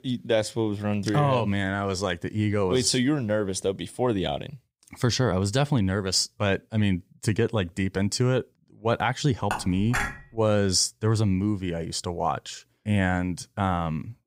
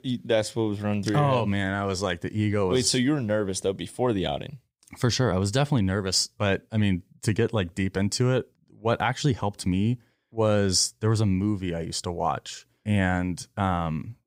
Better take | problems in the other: second | clattering dishes; noticeable; at 9.5 s; peak 3 dB below the speech

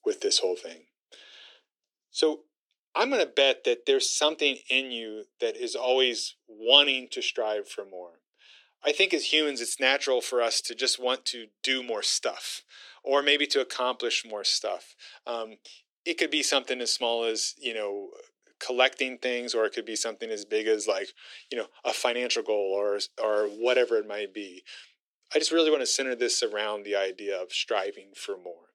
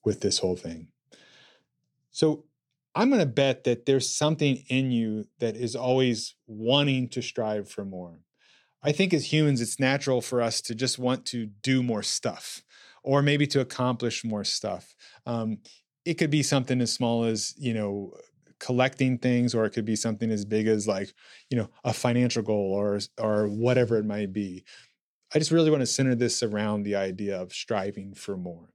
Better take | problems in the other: second | thin; very; fading below 350 Hz

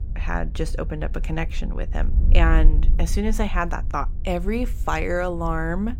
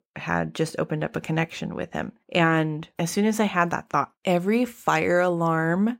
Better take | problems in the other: second | wind noise on the microphone; occasional gusts; 20 dB below the speech

